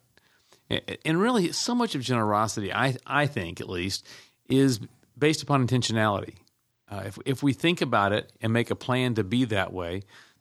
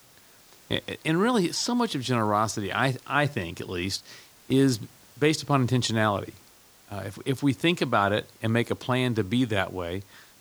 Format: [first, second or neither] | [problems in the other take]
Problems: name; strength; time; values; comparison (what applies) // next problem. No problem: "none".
first | hiss; faint; throughout; 25 dB below the speech